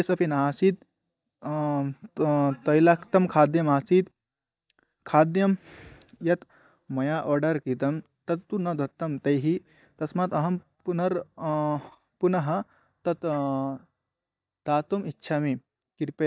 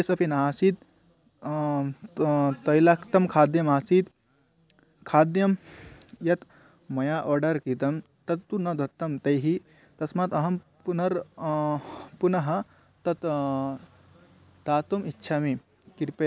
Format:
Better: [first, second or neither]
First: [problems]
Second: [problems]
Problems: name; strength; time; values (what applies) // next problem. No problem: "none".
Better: second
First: noise reduction (neural mask model DeepFilterNet 3)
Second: none